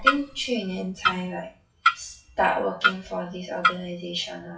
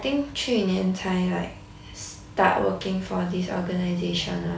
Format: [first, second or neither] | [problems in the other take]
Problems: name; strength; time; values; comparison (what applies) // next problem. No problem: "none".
second | noise reduction (classical method WPE with log-MMSE)